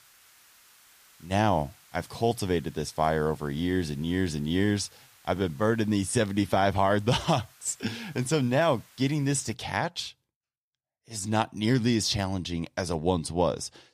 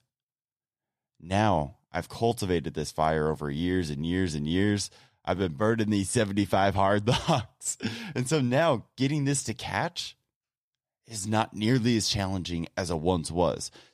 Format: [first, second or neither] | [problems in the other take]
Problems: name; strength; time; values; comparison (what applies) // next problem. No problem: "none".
second | hiss; faint; until 9.5 s; 25 dB below the speech